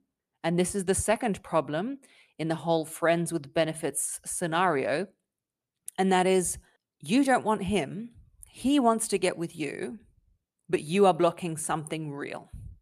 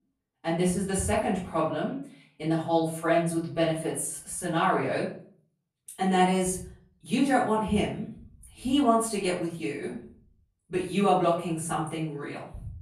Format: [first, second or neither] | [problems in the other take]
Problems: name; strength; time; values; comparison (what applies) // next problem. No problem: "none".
first | off-mic speech; far // room echo; noticeable; dies away in 0.4 s